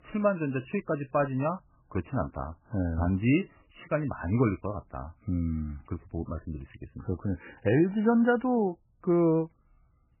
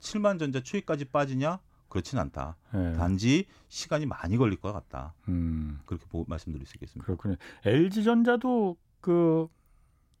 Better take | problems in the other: second | garbled, watery; badly; nothing above 3 kHz

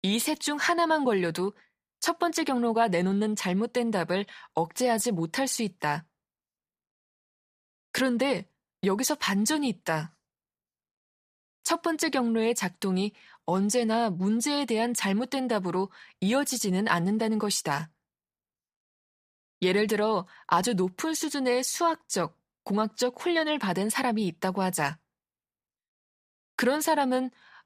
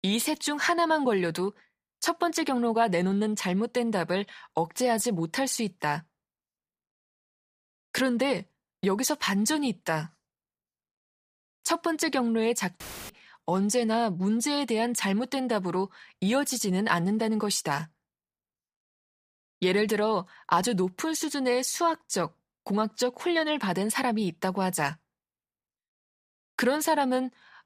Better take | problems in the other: first | audio cutting out; filled with static; at 13 s

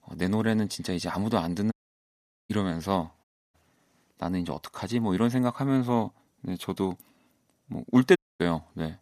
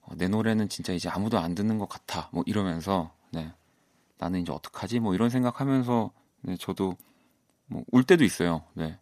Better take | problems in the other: second | audio cutting out; at 1.5 s for 1 s, at 3 s and at 8 s

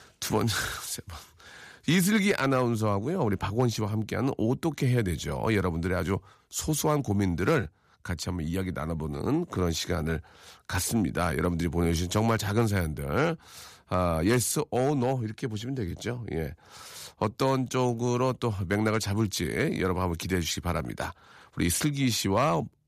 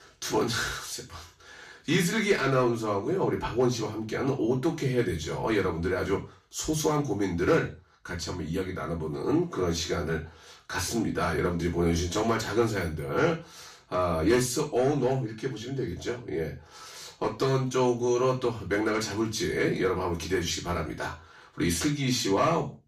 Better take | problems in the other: first | room echo; slight; dies away in 0.3 s // off-mic speech; far

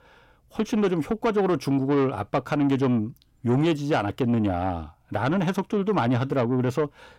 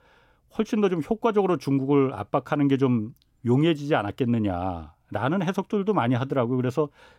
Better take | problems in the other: second | distortion; slight; 10 dB below the speech

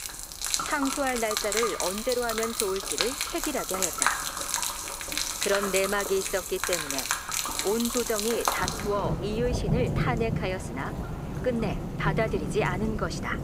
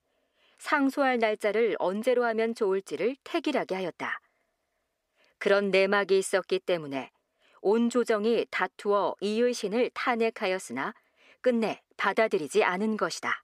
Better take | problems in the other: second | rain or running water; very loud; throughout; 1 dB above the speech

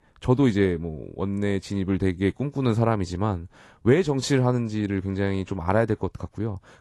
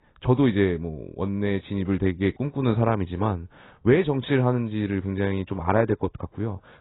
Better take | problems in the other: first | garbled, watery; badly; nothing above 4 kHz; slightly in the first

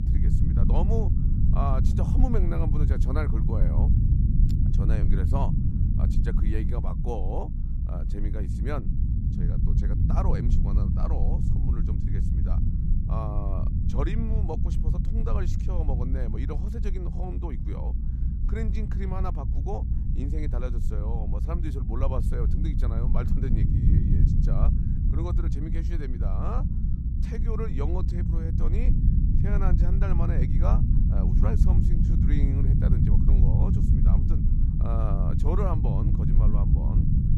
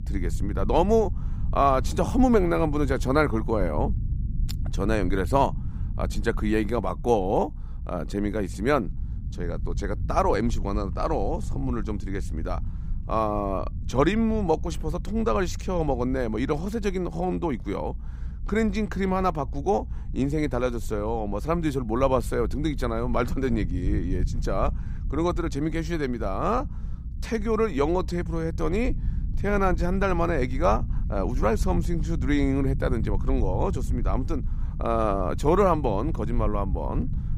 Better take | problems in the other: second | low rumble; loud; throughout; 1 dB below the speech; faint in the second

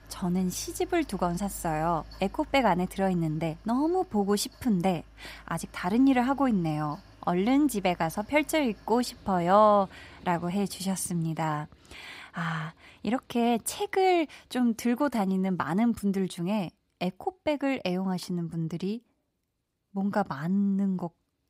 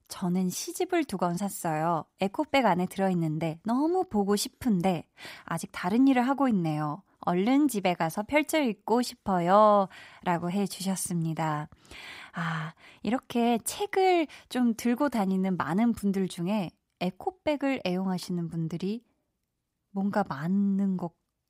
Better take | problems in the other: second | machinery noise; faint; throughout; 25 dB below the speech

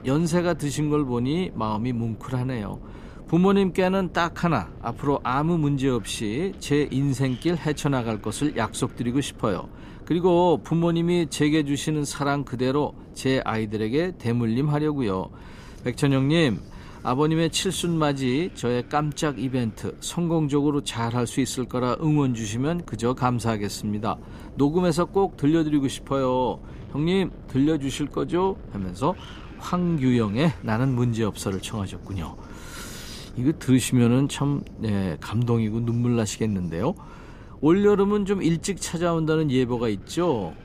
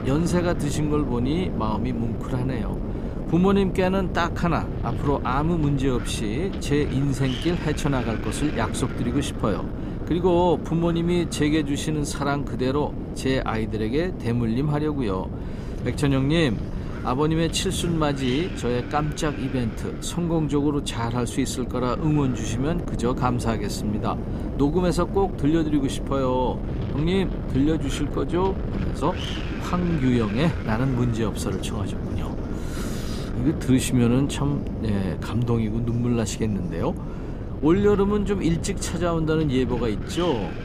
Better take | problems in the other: first | wind noise on the microphone; heavy; 9 dB below the speech; occasional gusts in the first

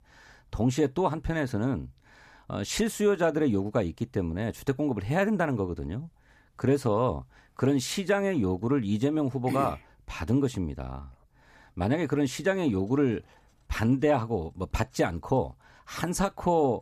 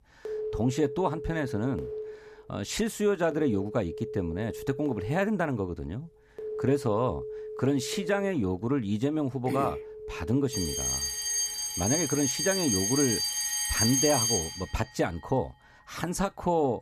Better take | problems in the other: first | alarms or sirens; loud; throughout; 1 dB below the speech

